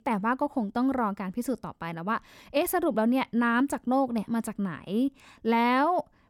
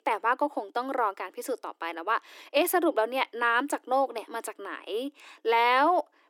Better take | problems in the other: first | thin; very; fading below 300 Hz

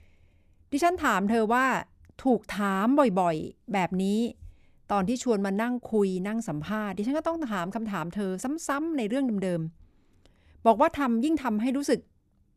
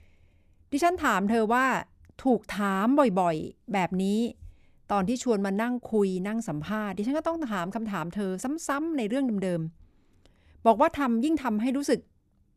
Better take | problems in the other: neither | none

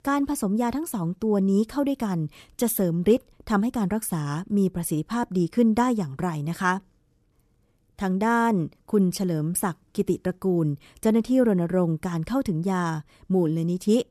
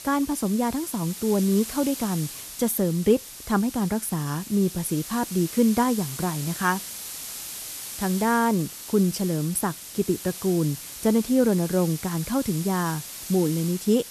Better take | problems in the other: first | hiss; loud; throughout; 10 dB below the speech

